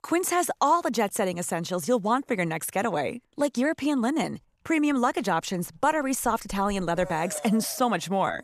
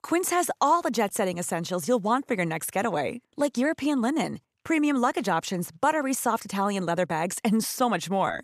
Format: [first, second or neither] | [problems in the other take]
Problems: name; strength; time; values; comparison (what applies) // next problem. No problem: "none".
second | household noises; noticeable; throughout; 20 dB below the speech